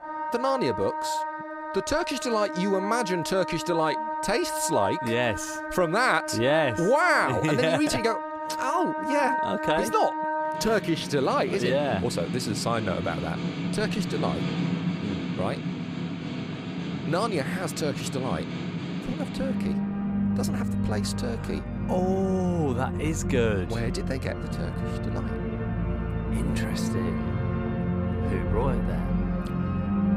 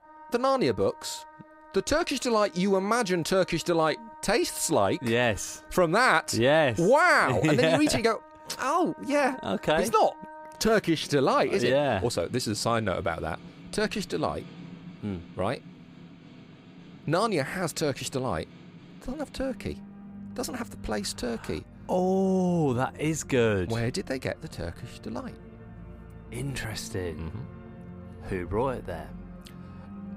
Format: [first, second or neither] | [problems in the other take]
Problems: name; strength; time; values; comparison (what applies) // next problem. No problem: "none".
second | background music; loud; throughout; 3 dB below the speech; faint in the second